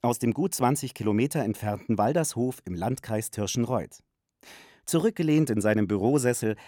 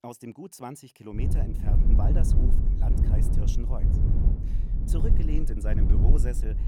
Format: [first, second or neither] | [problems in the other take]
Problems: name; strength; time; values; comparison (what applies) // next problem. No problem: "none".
first | low rumble; loud; from 1 s on; as loud as the speech